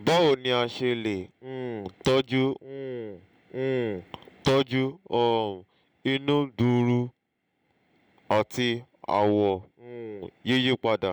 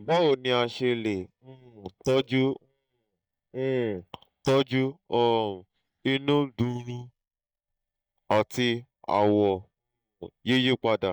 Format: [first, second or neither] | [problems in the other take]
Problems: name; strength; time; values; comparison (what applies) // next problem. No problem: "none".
first | noise reduction (neural mask model DeepFilterNet 3)